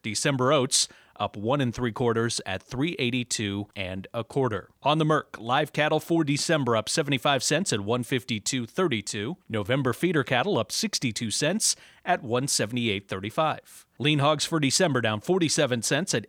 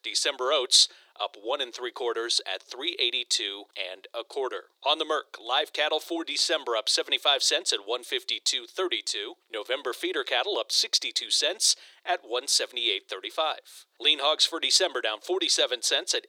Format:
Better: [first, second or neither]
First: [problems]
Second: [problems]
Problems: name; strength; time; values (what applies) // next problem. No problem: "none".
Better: first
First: none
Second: thin; very; fading below 350 Hz